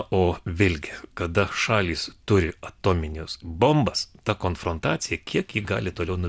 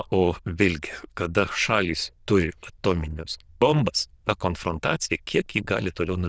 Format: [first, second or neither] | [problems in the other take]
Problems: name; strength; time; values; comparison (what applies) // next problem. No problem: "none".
first | noise reduction (neural diffusion model UNIVERSE++)